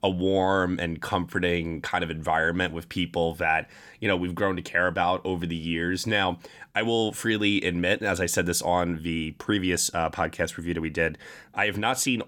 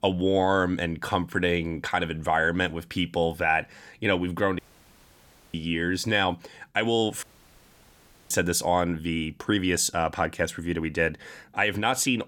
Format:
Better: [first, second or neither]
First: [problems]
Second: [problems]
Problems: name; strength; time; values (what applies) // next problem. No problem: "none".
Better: first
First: none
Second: audio cutting out; at 4.5 s for 1 s and at 7 s for 1 s